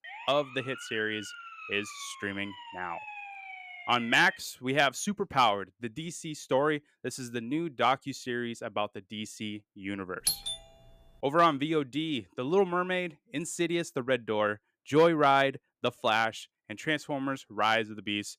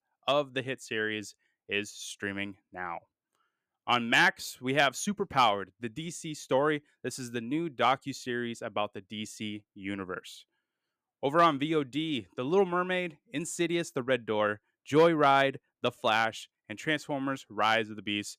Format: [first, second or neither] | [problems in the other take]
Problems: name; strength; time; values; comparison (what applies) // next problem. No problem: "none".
second | siren; faint; until 4.5 s; peak 10 dB below the speech // doorbell; loud; at 10 s; peak level with the speech